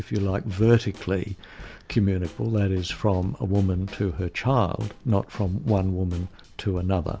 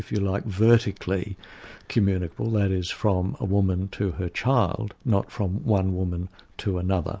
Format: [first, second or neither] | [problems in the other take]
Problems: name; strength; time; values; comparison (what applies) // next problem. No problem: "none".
second | background sound (Snare drum / Drum kit); 20 dB below the speech